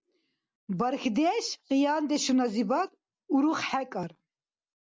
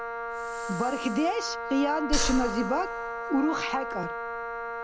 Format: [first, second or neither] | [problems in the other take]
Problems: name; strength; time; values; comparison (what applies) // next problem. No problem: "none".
first | background sound (Breathing + Wind instrument, woodwind instrument); 3 dB below the speech